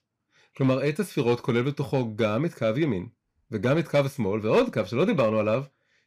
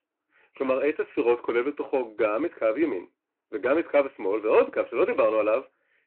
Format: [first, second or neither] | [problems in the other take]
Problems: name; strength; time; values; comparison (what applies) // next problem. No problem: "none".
first | phone-call audio; nothing above 3.5 kHz